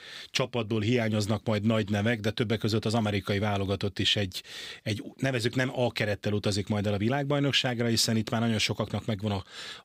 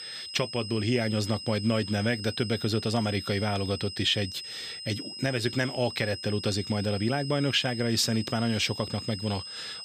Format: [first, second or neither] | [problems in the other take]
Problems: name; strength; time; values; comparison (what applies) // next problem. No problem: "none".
first | high-pitched whine; loud; throughout; 5 kHz, 9 dB below the speech